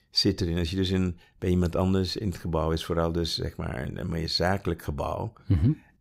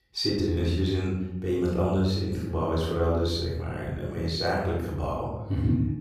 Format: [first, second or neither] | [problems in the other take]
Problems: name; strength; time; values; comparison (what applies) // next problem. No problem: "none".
first | off-mic speech; far // room echo; noticeable; dies away in 0.8 s